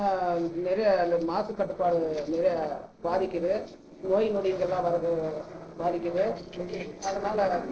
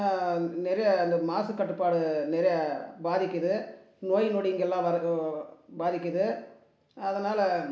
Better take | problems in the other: second | noise reduction (neural separator model SepFormer DNS4)

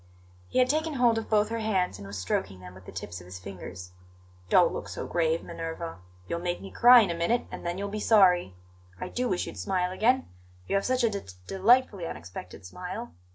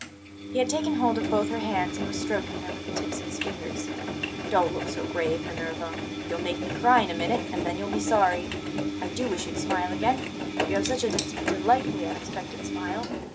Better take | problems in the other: first | background sound (Engine); 2 dB below the speech

